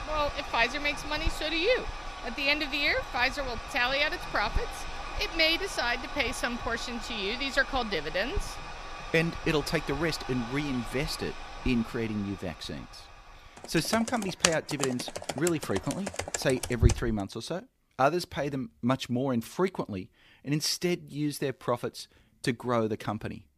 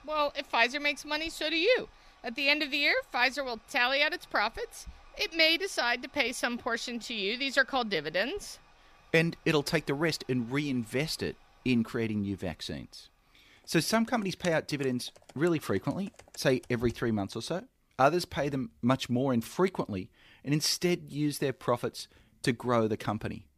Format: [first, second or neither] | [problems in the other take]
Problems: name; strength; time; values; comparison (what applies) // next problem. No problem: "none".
second | household noises; loud; until 17 s; 7 dB below the speech; faint in the second